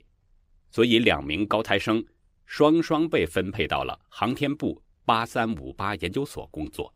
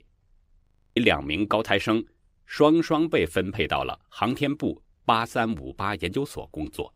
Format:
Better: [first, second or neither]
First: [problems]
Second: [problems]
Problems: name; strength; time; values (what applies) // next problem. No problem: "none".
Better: first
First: none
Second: audio freezing; at 0.5 s